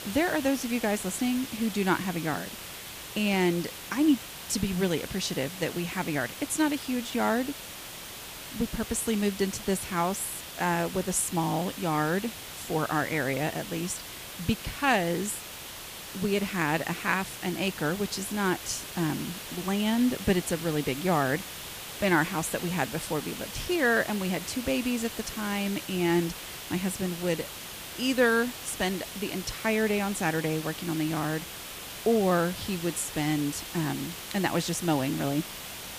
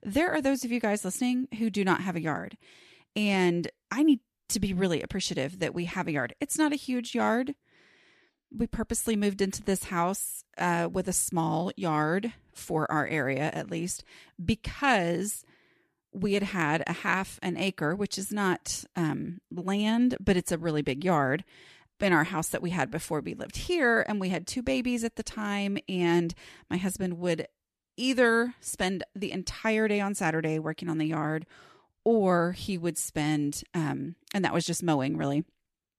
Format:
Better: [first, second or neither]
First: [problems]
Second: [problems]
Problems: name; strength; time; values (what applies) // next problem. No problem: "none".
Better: second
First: hiss; loud; throughout; 9 dB below the speech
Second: none